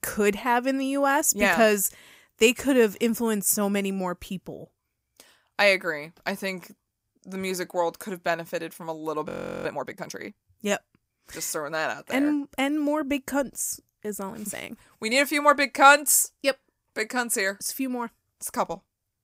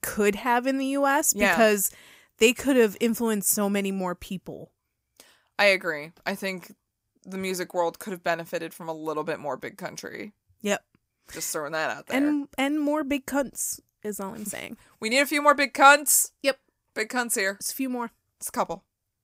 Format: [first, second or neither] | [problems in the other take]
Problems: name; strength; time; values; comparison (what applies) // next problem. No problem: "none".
second | audio freezing; at 9.5 s